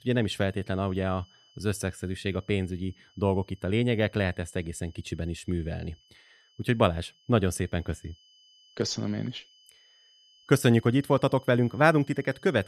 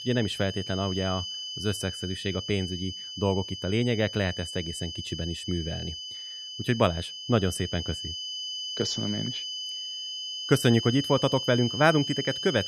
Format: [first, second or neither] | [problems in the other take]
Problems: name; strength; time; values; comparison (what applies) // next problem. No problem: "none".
first | high-pitched whine; loud; throughout; 3 kHz, 6 dB below the speech; faint in the first